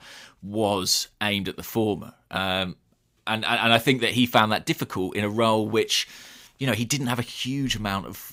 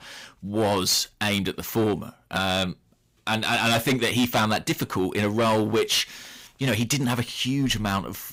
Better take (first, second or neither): first